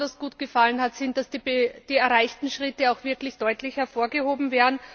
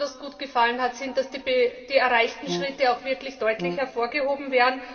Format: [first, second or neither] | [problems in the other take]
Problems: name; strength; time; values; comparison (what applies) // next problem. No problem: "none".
first | background sound (Brass instrument); 11 dB below the speech // room echo; dies away in 1.8 s